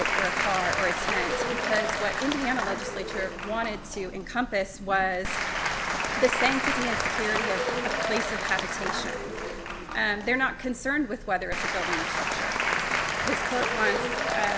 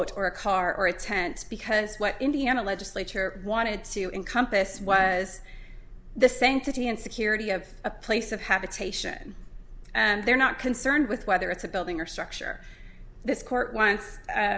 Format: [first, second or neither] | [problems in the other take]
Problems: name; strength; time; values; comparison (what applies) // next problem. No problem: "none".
second | background sound (Applause / Crowd); 1 dB above the speech